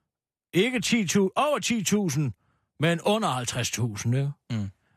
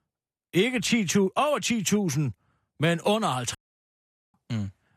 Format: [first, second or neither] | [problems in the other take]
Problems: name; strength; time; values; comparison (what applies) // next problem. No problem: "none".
first | audio cutting out; at 3.5 s for 1 s